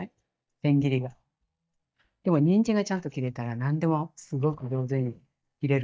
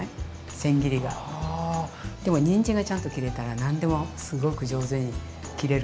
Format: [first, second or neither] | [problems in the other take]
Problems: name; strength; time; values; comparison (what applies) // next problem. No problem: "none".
second | noise reduction (neural mask model DeepFilterNet 3)